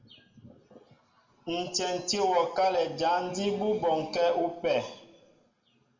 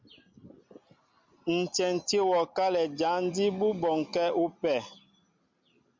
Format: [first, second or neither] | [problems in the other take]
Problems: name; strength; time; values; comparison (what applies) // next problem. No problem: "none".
second | room echo; dies away in 0.8 s